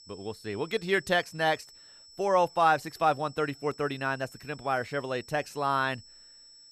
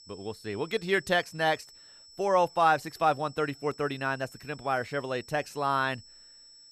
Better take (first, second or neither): neither